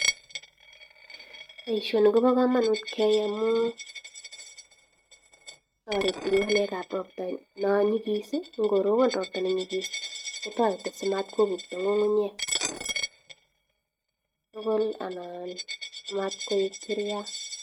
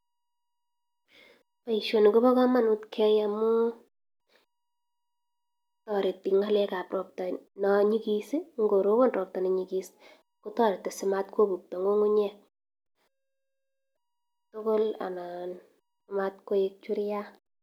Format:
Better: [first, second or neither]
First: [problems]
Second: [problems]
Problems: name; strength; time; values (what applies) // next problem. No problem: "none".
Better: second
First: noise reduction (neural mask model RNNoise)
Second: none